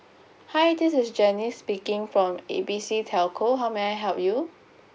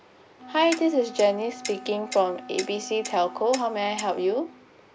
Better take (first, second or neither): first